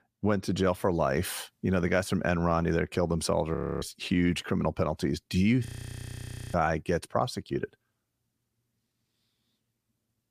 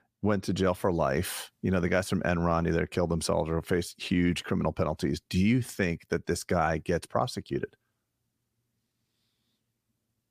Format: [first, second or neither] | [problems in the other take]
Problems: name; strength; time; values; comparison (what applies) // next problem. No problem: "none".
second | audio freezing; at 3.5 s and at 5.5 s for 1 s